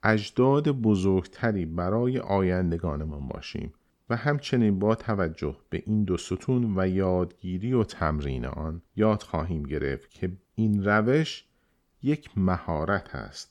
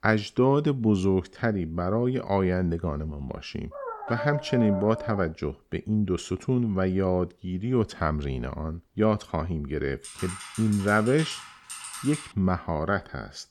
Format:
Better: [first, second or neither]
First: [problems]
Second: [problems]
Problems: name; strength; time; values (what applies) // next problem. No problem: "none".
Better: first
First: none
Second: dog barking; noticeable; from 3.5 to 5.5 s; peak 6 dB below the speech // keyboard typing; noticeable; from 10 to 12 s; peak 9 dB below the speech